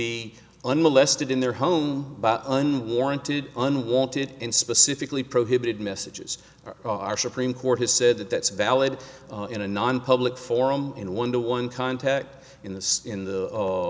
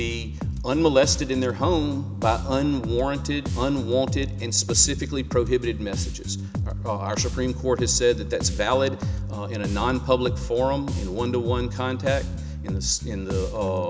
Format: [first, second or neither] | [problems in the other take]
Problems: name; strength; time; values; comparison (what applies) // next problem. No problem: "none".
first | background sound (Bass guitar); 4 dB below the speech